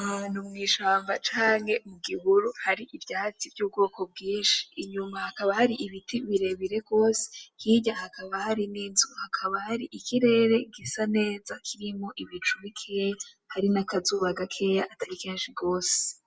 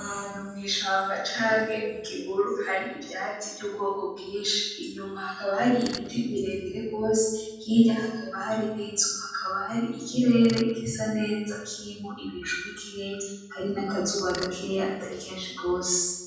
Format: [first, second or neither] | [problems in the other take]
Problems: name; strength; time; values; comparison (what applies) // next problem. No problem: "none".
first | background sound (Mechanisms); 12 dB below the speech // room echo; dies away in 1.2 s